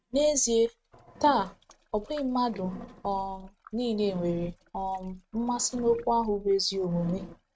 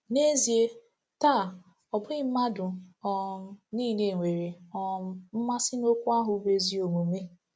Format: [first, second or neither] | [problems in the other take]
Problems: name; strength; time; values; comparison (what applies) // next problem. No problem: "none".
second | noise reduction (neural mask model RNNoise)